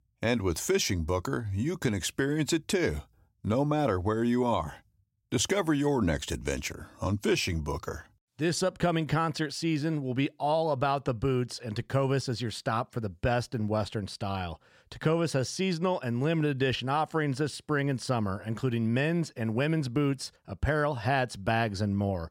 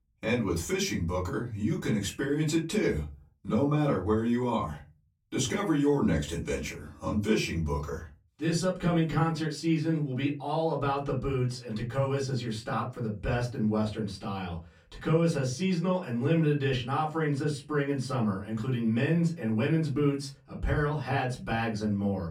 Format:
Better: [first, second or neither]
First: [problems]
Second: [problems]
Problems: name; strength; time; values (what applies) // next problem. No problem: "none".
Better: first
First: none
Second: off-mic speech; far // room echo; very slight; dies away in 0.3 s